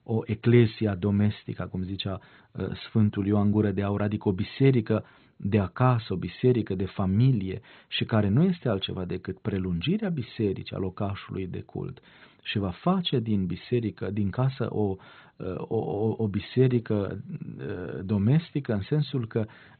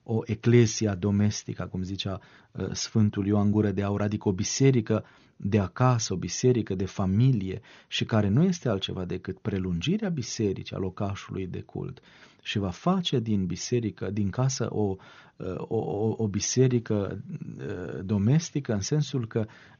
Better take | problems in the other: second | garbled, watery; badly; nothing above 3.5 kHz; slightly in the second

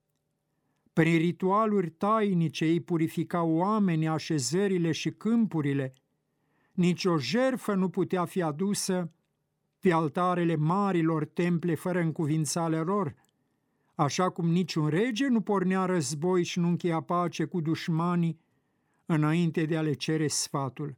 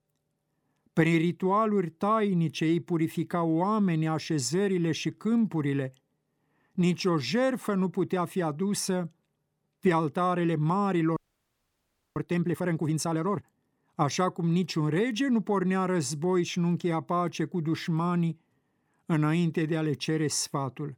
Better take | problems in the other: first | audio freezing; at 11 s for 1 s

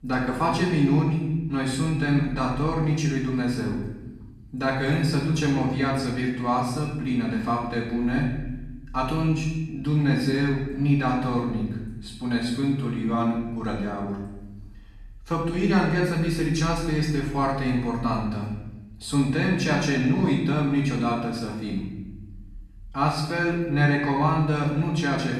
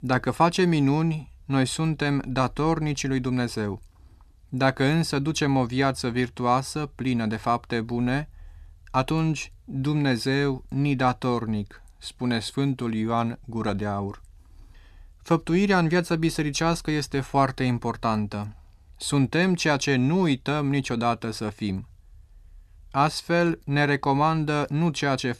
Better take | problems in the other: second | room echo; noticeable; dies away in 1.1 s // off-mic speech; far

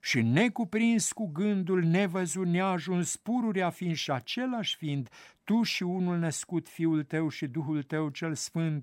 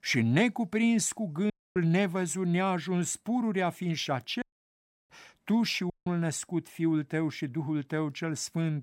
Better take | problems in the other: first | audio cutting out; at 1.5 s, at 4.5 s for 0.5 s and at 6 s

